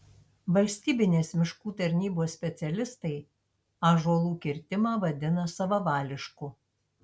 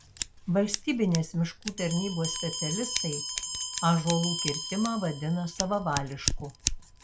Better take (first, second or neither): first